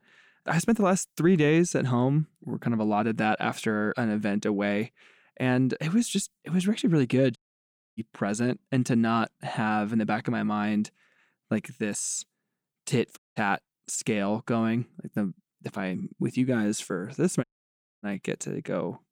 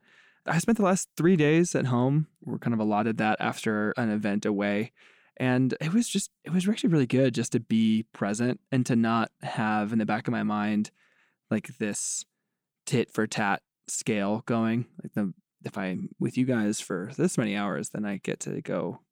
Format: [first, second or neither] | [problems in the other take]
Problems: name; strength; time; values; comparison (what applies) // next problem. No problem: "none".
second | audio cutting out; at 7.5 s for 0.5 s, at 13 s and at 17 s for 0.5 s